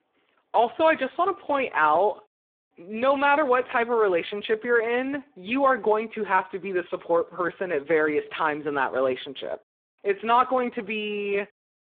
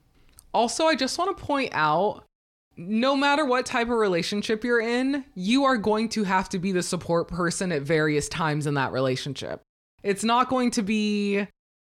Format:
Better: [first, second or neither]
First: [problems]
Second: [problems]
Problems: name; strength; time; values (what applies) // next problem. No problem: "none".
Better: second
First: phone-call audio; poor line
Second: none